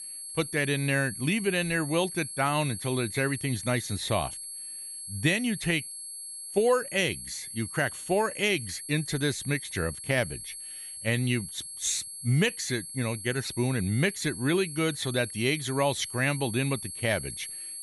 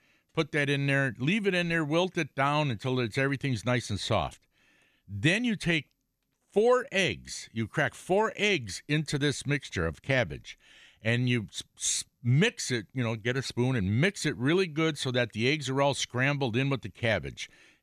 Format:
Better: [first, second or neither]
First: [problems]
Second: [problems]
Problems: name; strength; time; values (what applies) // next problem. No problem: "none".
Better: second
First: high-pitched whine; loud; throughout; 11 kHz, 8 dB below the speech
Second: none